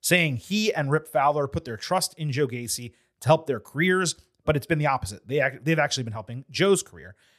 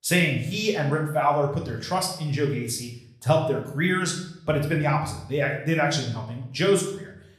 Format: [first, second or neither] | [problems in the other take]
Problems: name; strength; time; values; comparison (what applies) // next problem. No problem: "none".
first | room echo; slight; dies away in 0.6 s // off-mic speech; somewhat distant